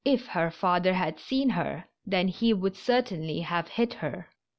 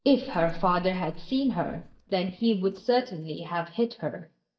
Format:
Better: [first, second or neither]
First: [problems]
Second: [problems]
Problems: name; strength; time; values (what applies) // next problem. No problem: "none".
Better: first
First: none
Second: noise reduction (neural mask model DeepFilterNet 3)